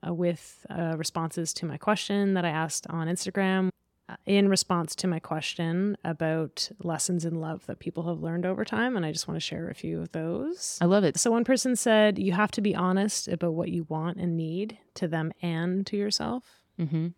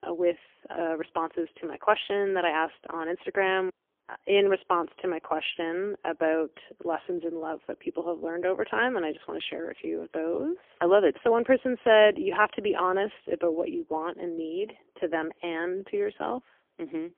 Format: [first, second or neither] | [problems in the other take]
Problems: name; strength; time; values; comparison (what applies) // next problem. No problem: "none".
first | phone-call audio; poor line; nothing above 3 kHz